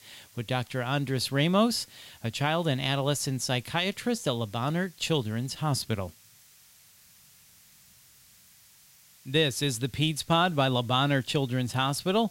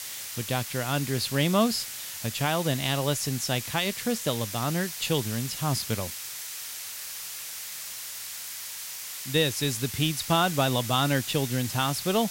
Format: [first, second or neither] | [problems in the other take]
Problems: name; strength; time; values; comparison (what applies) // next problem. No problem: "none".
first | hiss; loud; throughout; 7 dB below the speech; faint in the first